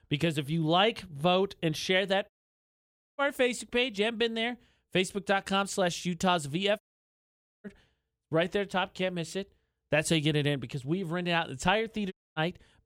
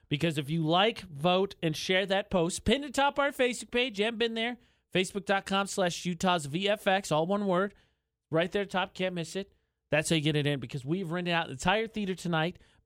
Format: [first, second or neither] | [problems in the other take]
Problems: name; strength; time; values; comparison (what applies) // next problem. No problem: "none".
second | audio cutting out; at 2.5 s for 1 s, at 7 s for 1 s and at 12 s